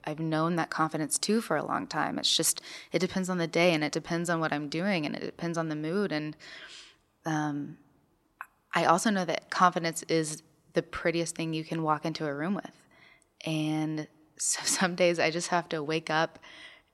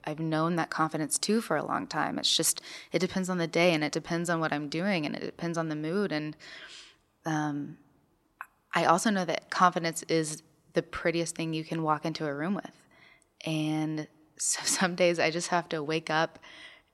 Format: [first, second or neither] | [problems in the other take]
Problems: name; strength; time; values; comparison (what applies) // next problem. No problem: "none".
neither | none